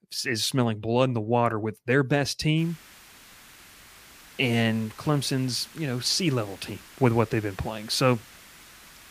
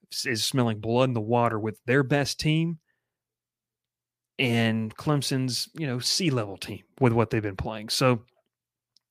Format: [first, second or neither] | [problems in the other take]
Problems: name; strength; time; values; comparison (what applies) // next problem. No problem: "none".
second | hiss; faint; from 2.5 s on; 20 dB below the speech